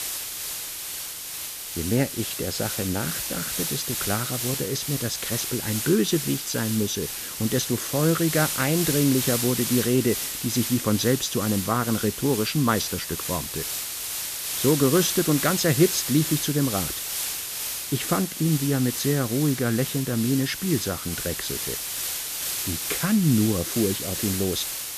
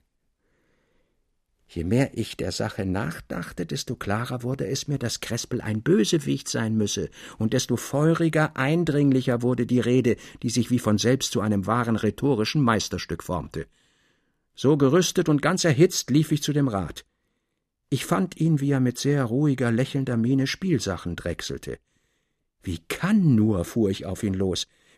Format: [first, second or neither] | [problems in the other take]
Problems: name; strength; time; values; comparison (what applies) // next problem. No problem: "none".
second | hiss; loud; throughout; 3 dB below the speech